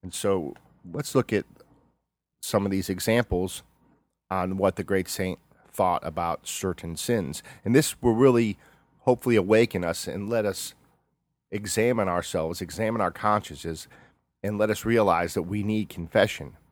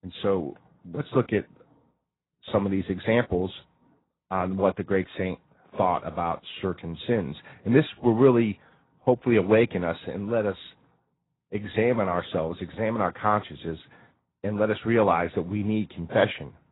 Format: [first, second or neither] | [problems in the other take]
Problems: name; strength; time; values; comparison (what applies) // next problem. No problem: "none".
first | garbled, watery; badly; nothing above 4 kHz